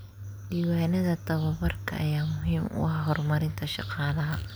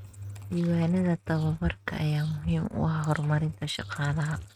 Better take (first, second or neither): first